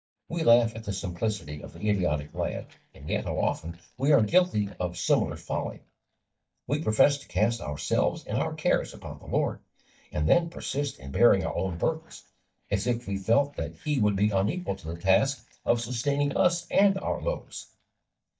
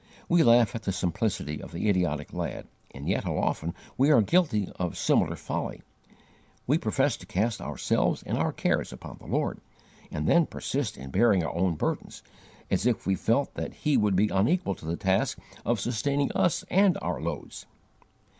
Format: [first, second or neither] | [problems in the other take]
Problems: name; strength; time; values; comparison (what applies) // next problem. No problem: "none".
second | noise reduction (neural mask model DeepFilterNet 3)